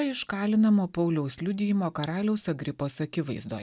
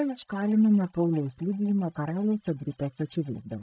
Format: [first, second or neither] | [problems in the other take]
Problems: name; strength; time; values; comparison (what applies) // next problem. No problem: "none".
first | noise reduction (neural mask model DeepFilterNet 3)